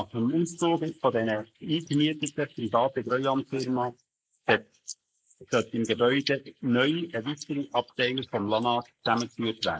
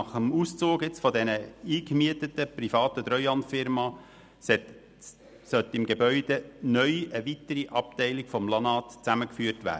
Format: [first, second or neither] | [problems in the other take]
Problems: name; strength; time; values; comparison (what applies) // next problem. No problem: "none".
second | noise reduction (neural mask model Resemble Enhance denoiser)